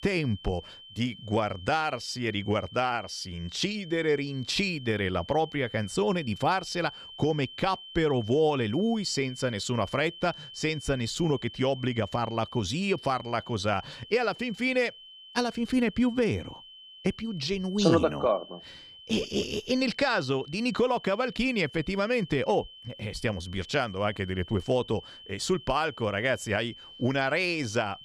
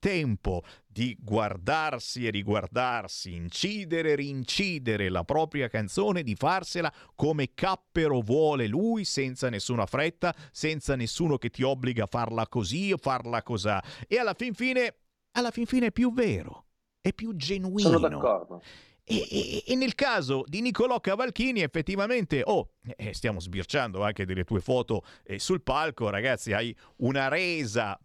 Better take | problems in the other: second | high-pitched whine; noticeable; throughout; 3 kHz, 15 dB below the speech

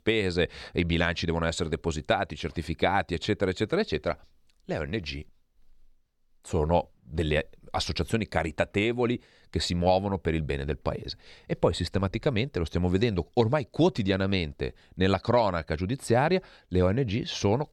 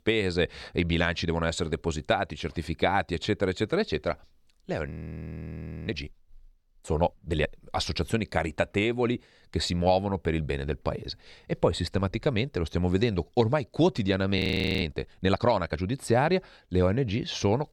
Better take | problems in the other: first | audio freezing; at 5 s for 1 s and at 14 s

